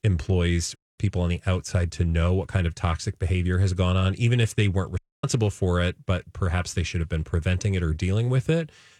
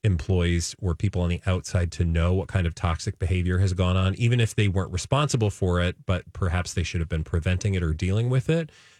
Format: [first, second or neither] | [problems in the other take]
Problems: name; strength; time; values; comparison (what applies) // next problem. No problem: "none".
second | audio cutting out; at 1 s and at 5 s